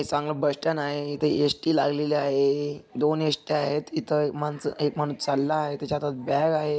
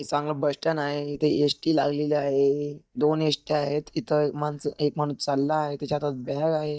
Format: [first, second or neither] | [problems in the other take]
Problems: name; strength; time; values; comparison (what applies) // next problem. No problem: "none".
first | noise reduction (neural mask model DeepFilterNet 3)